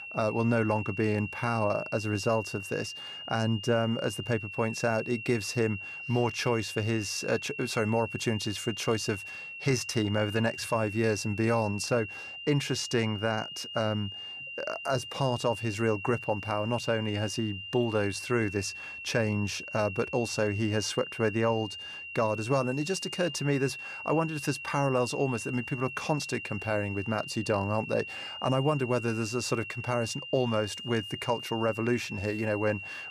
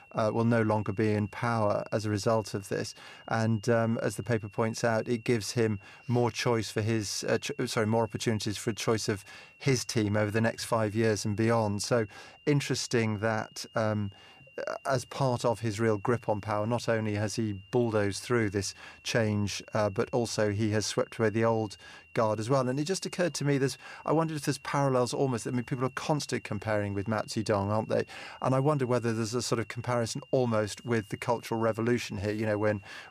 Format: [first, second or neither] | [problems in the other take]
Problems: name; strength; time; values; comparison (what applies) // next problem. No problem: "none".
second | high-pitched whine; loud; throughout; 2.5 kHz, 8 dB below the speech; faint in the second